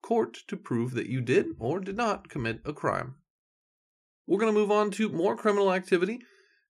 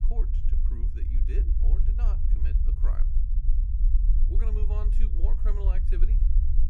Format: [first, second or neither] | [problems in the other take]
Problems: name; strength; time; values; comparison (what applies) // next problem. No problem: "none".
first | low rumble; loud; throughout; 2 dB below the speech